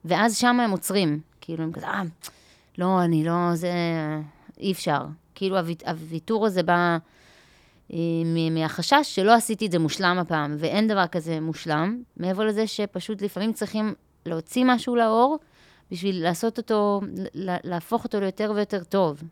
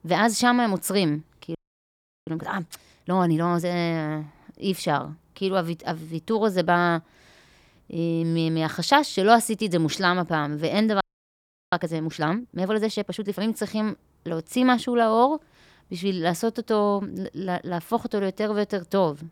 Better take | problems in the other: first | audio freezing; at 1.5 s for 0.5 s and at 11 s for 0.5 s

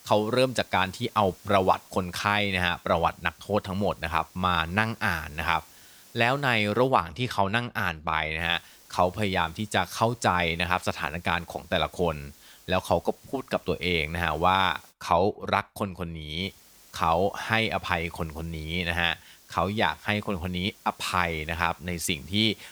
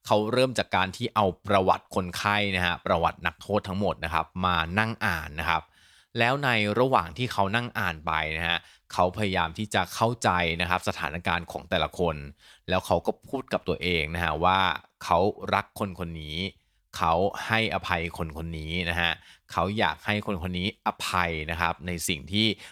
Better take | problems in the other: second | hiss; faint; until 7 s, from 8.5 to 15 s and from 16 s on; 25 dB below the speech

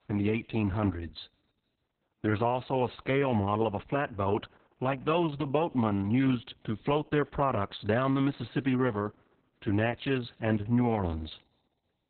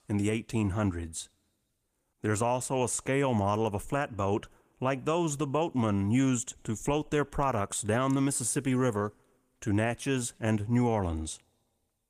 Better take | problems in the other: second | garbled, watery; badly; nothing above 4 kHz; slightly in the second

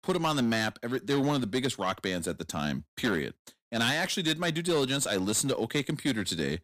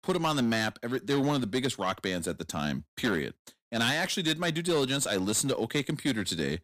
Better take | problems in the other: neither | distortion; slight; 6% of the sound clipped; the same in both

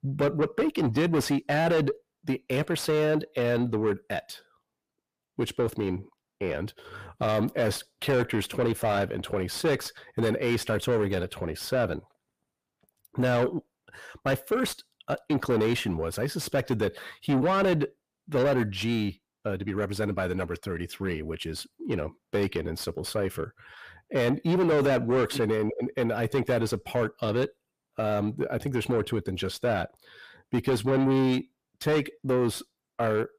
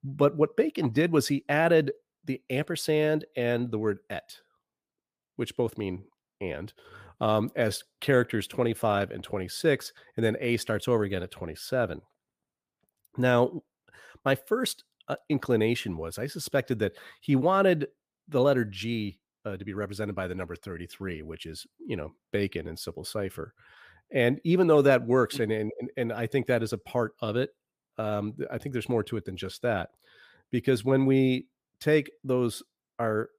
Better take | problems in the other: second | distortion; heavy; 7 dB below the speech

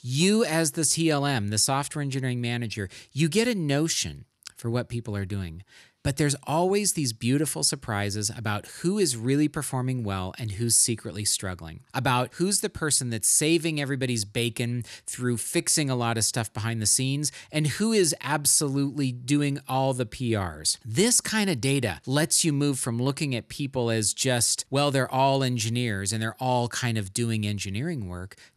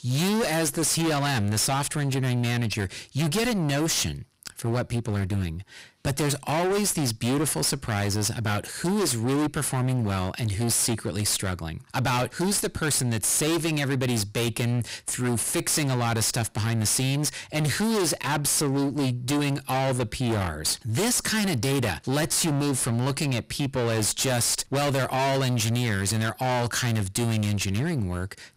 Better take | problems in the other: first | distortion; heavy; 37% of the sound clipped

